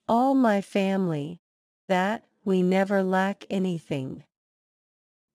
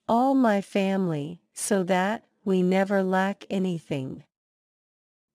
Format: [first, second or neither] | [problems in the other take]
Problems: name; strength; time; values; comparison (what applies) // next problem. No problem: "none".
second | audio cutting out; at 1.5 s